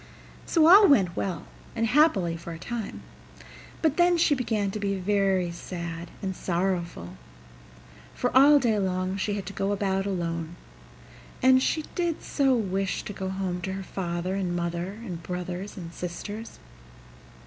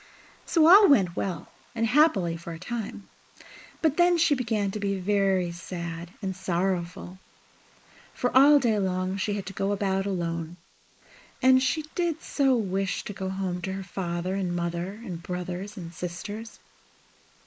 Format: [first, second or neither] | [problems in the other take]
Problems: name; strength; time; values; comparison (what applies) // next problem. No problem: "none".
first | noise reduction (neural mask model Resemble Enhance denoiser)